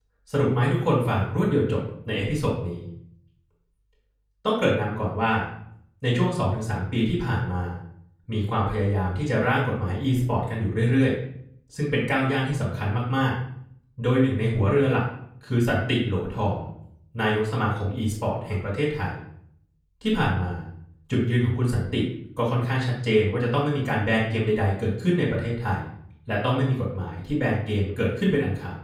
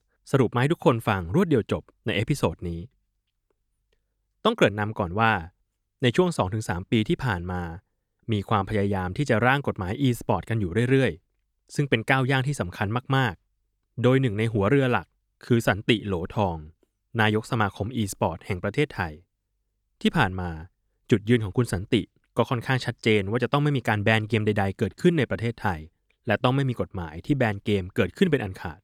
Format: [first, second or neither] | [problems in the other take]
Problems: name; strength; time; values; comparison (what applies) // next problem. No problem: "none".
second | off-mic speech; far // room echo; noticeable; dies away in 0.6 s